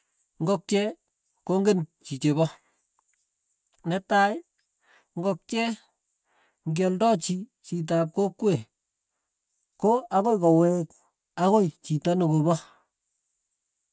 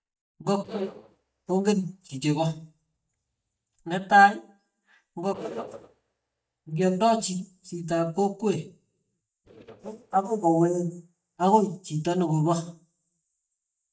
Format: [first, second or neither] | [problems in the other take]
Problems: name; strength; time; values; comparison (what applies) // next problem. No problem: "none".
first | noise reduction (neural mask model DeepFilterNet 3)